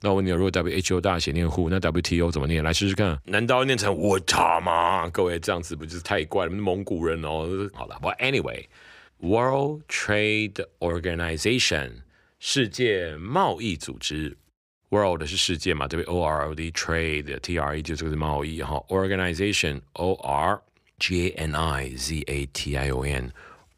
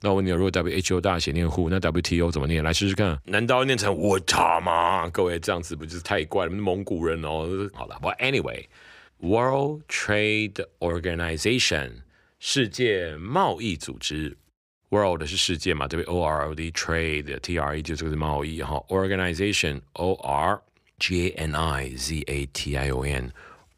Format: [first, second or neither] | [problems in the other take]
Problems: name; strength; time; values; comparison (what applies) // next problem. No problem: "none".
neither | none